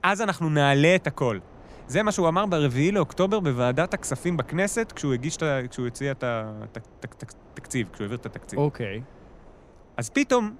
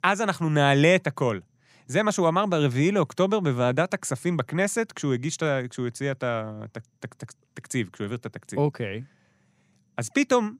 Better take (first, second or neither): second